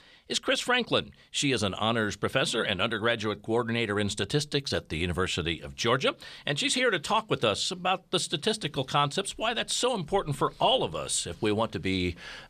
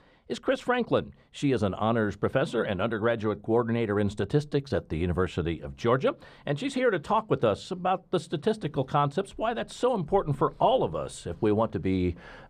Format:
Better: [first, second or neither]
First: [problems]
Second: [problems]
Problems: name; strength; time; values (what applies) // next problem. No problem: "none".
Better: first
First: none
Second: muffled; very; fading above 2 kHz